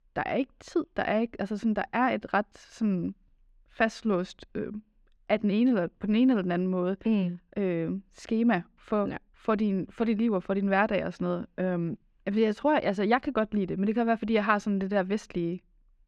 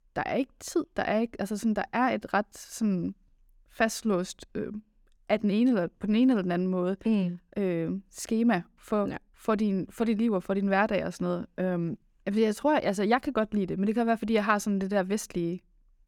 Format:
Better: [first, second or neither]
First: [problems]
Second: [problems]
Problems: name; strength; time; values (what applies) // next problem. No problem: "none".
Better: second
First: muffled; slightly; fading above 3 kHz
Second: none